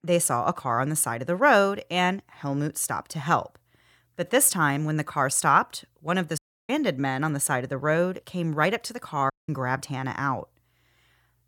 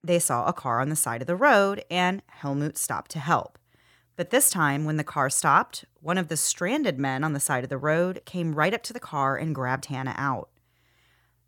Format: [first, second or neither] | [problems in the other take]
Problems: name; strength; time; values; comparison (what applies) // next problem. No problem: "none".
second | audio cutting out; at 6.5 s and at 9.5 s